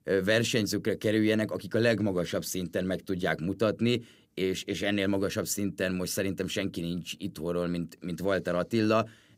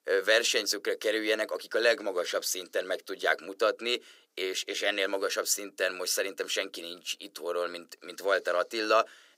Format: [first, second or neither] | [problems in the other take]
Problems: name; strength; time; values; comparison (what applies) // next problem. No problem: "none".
first | thin; very; fading below 450 Hz